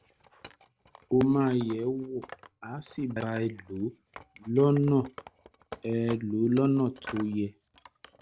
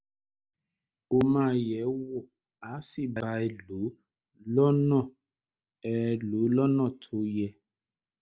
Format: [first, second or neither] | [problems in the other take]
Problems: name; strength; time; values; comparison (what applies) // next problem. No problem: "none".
second | background sound (Wood); 20 dB below the speech